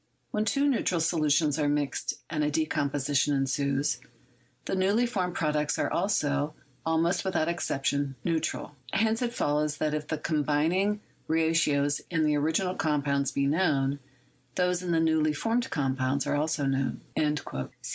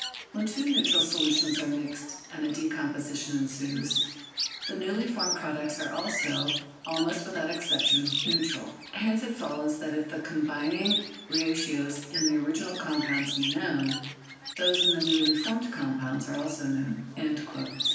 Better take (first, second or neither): first